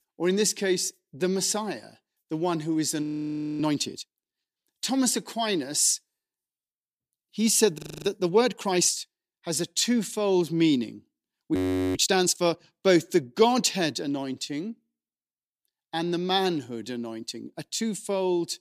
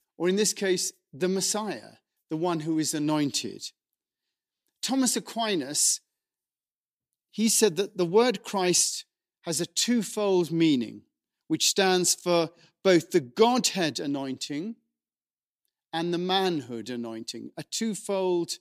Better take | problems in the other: second | audio freezing; at 3 s for 0.5 s, at 8 s and at 12 s

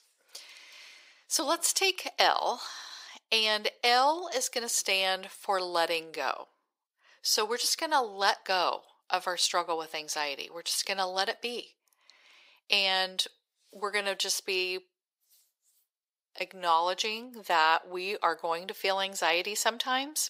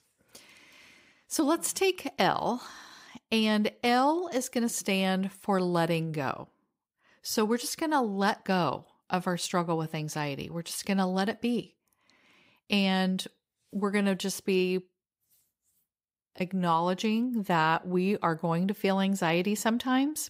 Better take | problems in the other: second | thin; very; fading below 500 Hz

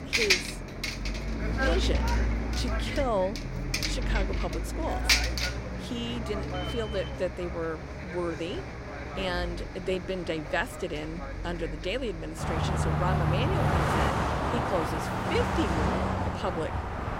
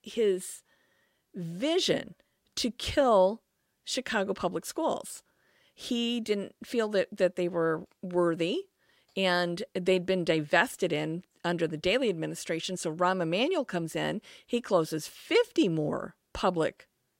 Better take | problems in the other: second | traffic noise; very loud; throughout; 4 dB above the speech

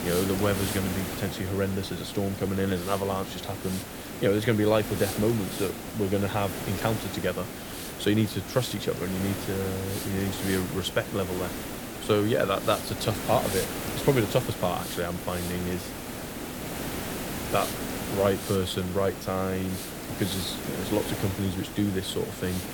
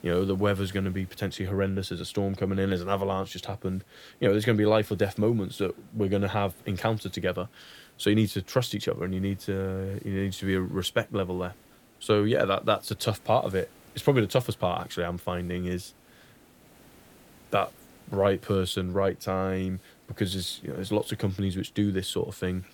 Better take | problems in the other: second | hiss; loud; throughout; 6 dB below the speech; faint in the second

